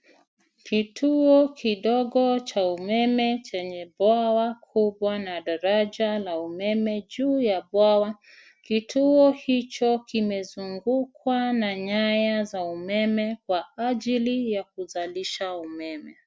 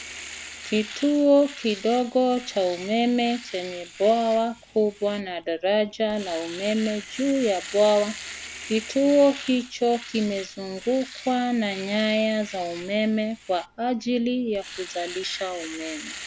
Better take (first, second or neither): first